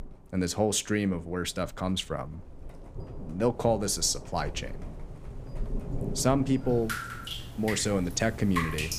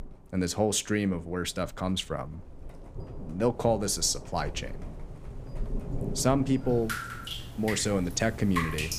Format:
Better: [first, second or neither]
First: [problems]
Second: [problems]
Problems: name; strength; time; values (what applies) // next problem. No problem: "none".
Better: neither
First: rain or running water; loud; throughout; 9 dB below the speech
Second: rain or running water; loud; throughout; 9 dB below the speech